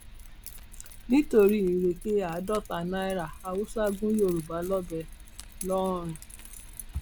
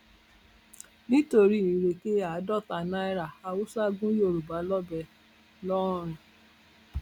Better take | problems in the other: second | background sound (Keys jangling); 15 dB below the speech

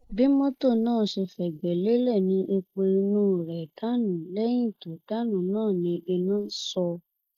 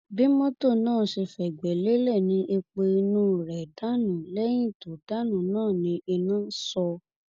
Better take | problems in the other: second | noise reduction (neural mask model Resemble Enhance denoiser)

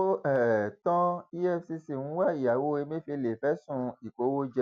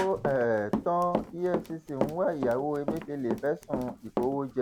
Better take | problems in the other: first | background sound (Run); 6 dB below the speech

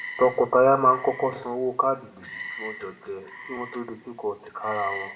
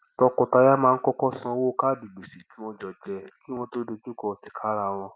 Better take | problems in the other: second | background sound (Frog); 15 dB below the speech // room echo; dies away in 0.6 s

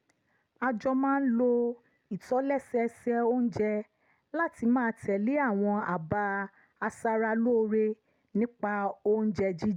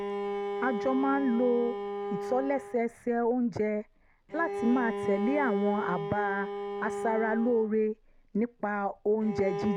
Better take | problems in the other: first | background sound (Bowed string instrument); 6 dB below the speech

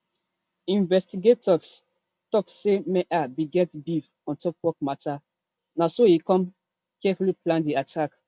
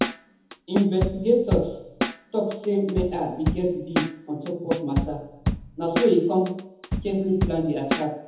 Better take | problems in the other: first | background sound (Drum / Drum kit); 4 dB below the speech // room echo; dies away in 1 s

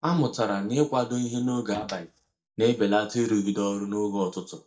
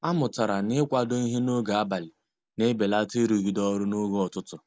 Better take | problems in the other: second | noise reduction (neural mask model DeepFilterNet 3)

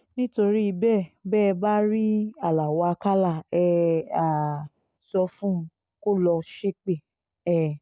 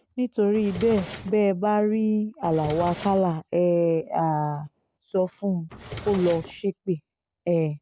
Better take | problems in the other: first | background sound (Drawer open or close); 14 dB below the speech

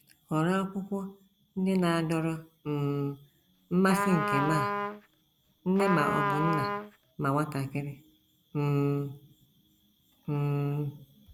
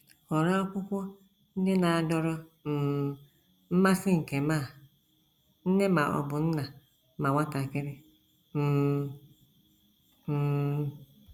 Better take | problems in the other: second | background sound (Trumpet); 1 dB below the speech

